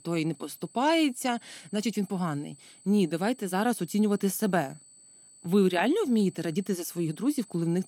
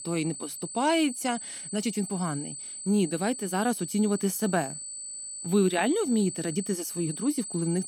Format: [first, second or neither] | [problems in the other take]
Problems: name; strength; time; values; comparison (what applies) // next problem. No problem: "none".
first | high-pitched whine; loud; throughout; 8 kHz, 8 dB below the speech; faint in the first